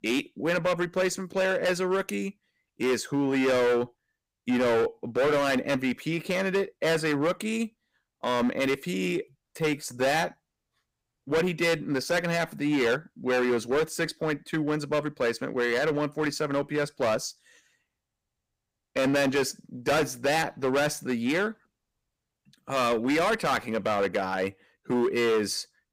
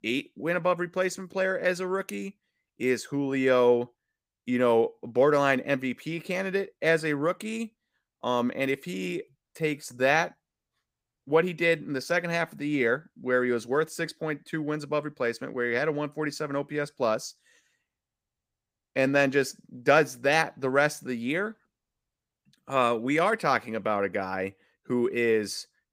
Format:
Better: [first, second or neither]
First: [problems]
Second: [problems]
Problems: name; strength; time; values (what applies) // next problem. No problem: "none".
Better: second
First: distortion; heavy; 12% of the sound clipped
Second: none